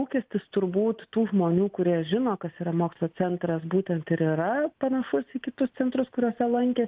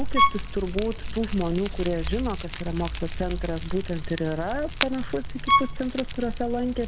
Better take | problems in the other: first | background sound (Fire + Bowed string instrument); 1 dB above the speech

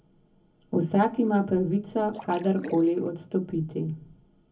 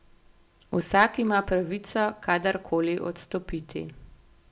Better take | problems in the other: second | background sound (Splash, splatter); 16 dB below the speech // room echo; dies away in 0.3 s

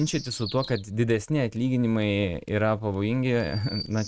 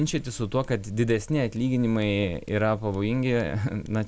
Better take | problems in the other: second | noise reduction (neural mask model RNNoise)

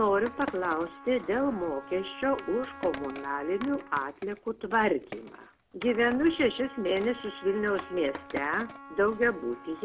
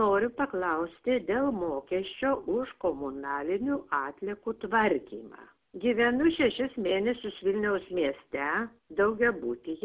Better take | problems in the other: second | background sound (Trumpet + Skateboard); 15 dB below the speech

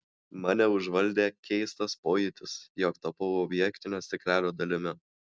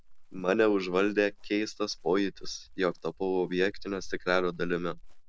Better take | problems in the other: first | background sound (Chirp, tweet); 13 dB below the speech

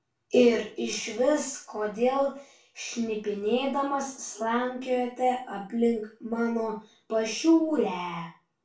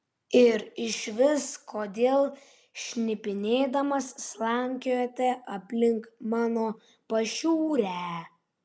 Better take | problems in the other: second | room echo; dies away in 0.3 s

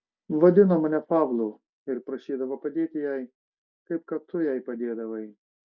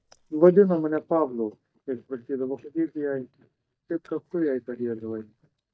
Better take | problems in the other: first | noise reduction (neural mask model DeepFilterNet 3)

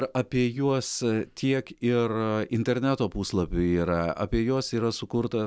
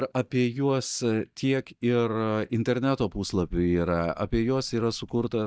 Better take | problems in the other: first | noise reduction (neural mask model DeepFilterNet 3)

